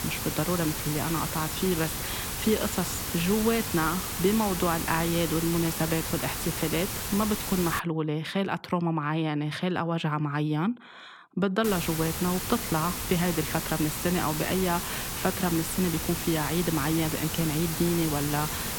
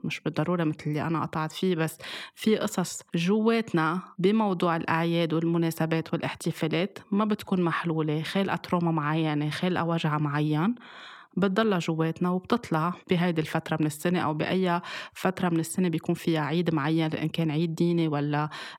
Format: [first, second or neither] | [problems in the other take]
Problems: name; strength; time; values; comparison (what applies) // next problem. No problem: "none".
second | hiss; loud; until 8 s and from 12 s on; 3 dB below the speech